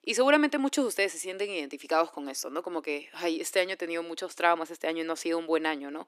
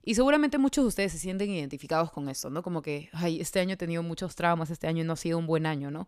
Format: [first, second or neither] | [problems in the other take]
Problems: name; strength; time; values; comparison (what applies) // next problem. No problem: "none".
second | thin; somewhat; fading below 300 Hz